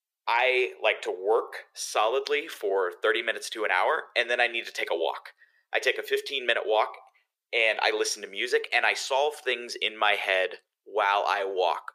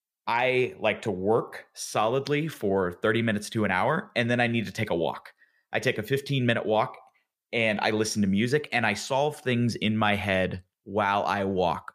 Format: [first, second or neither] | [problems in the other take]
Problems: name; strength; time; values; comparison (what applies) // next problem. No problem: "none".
second | thin; very; fading below 400 Hz